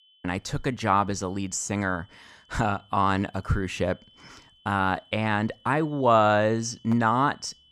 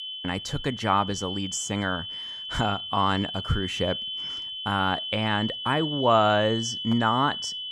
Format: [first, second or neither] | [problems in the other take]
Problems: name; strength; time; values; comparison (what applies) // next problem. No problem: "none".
first | high-pitched whine; loud; throughout; 3 kHz, 6 dB below the speech; faint in the first